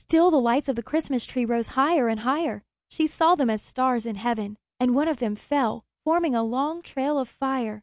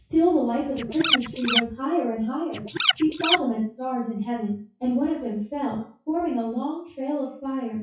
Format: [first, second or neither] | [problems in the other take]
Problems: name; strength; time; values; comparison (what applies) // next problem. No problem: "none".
first | noise reduction (classical method WPE with log-MMSE)